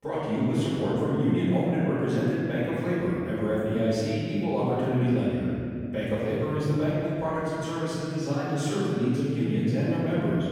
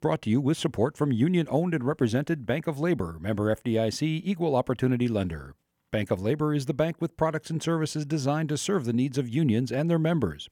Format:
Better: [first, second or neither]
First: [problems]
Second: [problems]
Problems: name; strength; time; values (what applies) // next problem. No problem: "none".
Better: second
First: off-mic speech; far // room echo; strong; dies away in 2.6 s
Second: none